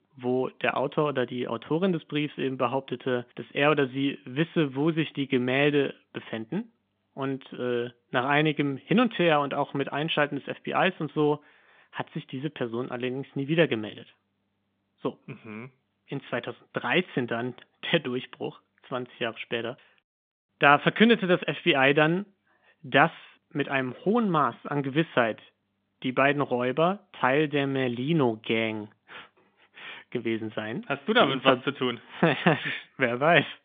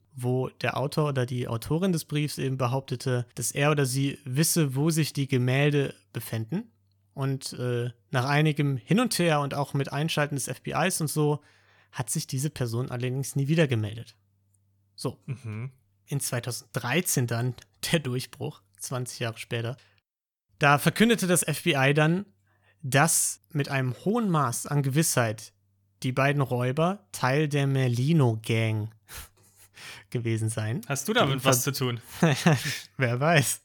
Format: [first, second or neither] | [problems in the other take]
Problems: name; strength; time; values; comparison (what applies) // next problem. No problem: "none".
second | phone-call audio; nothing above 3.5 kHz